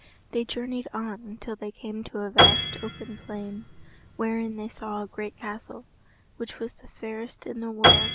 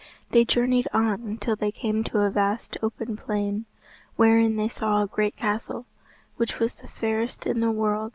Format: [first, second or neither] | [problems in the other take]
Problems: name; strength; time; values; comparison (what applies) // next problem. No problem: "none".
second | background sound (Piano); 5 dB above the speech